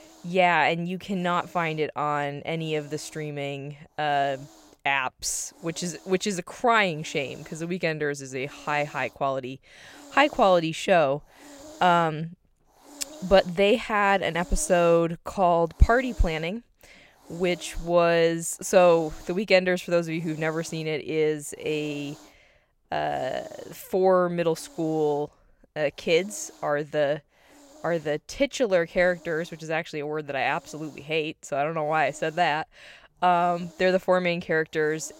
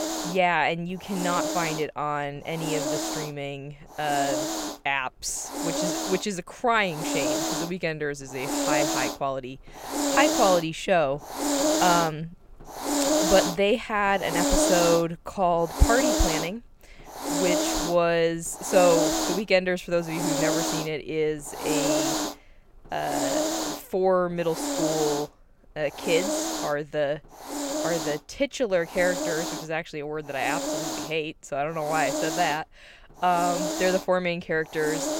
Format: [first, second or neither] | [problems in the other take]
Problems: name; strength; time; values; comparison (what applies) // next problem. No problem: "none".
first | hiss; loud; throughout; 1 dB below the speech; faint in the first